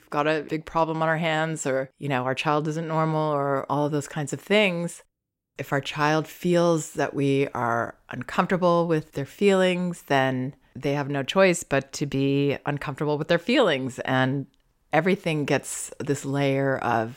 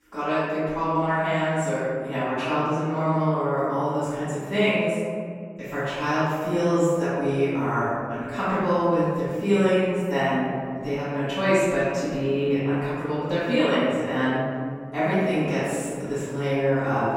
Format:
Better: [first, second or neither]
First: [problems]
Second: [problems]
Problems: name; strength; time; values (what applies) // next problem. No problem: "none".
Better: first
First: none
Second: room echo; strong; dies away in 2 s // off-mic speech; far